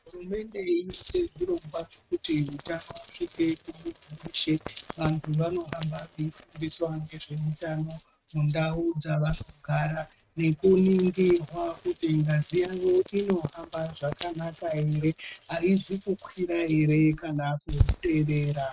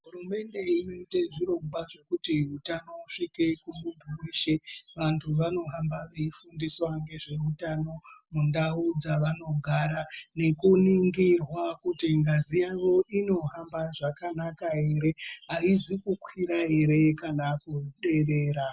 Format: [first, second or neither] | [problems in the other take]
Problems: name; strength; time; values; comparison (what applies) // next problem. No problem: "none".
second | noise reduction (neural mask model RNNoise)